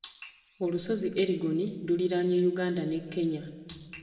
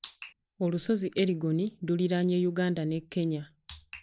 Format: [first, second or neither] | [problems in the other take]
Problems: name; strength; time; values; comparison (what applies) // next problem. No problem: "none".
second | room echo; dies away in 1.5 s